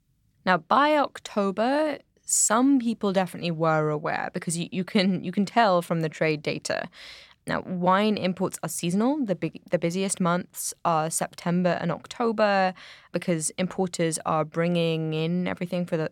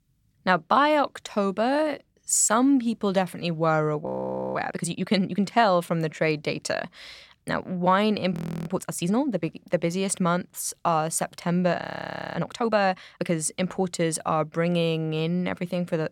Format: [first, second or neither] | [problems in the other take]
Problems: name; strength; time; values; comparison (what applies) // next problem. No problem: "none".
first | audio freezing; at 4 s, at 8.5 s and at 12 s for 0.5 s